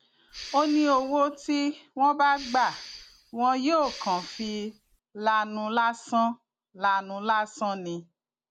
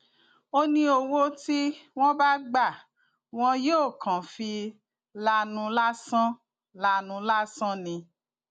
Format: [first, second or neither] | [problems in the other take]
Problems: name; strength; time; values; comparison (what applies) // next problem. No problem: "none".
second | background sound (Respiratory sounds); 16 dB below the speech